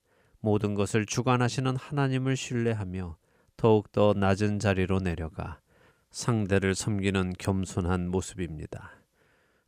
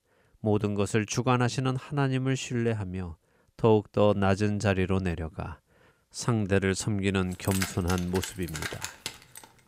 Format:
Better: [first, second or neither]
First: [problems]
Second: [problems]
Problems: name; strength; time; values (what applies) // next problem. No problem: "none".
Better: first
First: none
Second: jangling keys; noticeable; from 7.5 s on; peak 5 dB below the speech